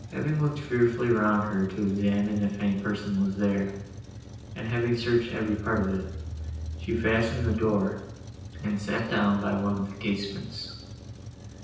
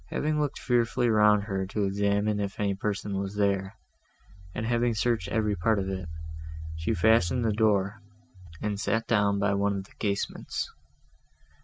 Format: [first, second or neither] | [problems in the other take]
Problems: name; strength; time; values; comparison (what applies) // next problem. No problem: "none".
second | background sound (Truck); 14 dB below the speech // room echo; dies away in 0.9 s